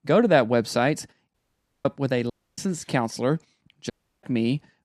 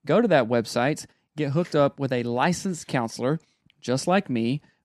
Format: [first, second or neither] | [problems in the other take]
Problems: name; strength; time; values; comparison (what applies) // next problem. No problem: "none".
second | audio cutting out; at 1.5 s for 0.5 s, at 2.5 s and at 4 s